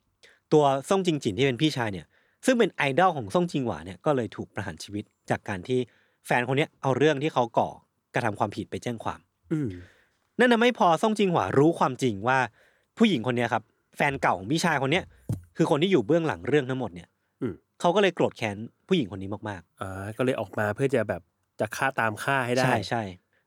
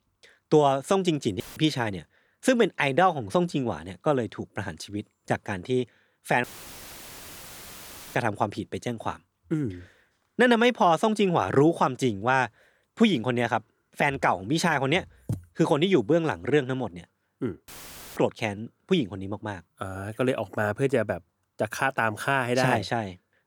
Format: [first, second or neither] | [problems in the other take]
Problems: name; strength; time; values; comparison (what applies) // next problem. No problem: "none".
first | audio cutting out; filled with static; at 1.5 s, at 6.5 s for 1.5 s and at 18 s